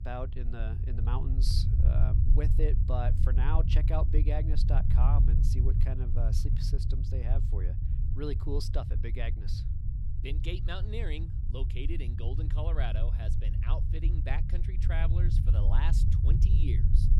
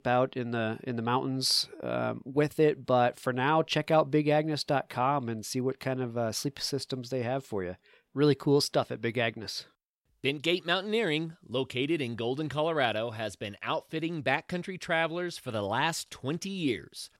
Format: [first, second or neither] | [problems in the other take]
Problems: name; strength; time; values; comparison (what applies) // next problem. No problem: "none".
second | low rumble; loud; throughout; 4 dB below the speech